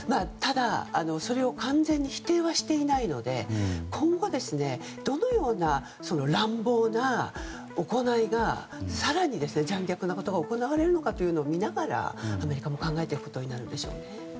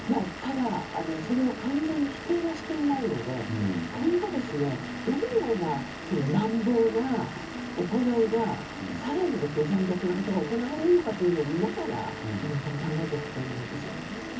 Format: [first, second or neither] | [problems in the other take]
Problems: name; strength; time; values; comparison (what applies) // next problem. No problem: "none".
first | background sound (Engine / Vehicle); 10 dB below the speech // room echo; dies away in 0.3 s